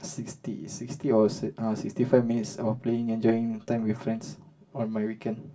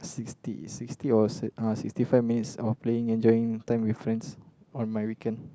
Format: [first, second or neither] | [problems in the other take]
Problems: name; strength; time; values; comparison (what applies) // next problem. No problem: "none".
second | room echo; dies away in 0.2 s